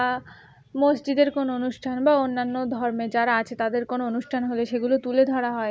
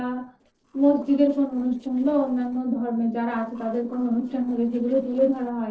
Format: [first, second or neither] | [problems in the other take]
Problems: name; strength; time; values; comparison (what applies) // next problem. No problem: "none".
first | noise reduction (neural separator model SepFormer DNS4)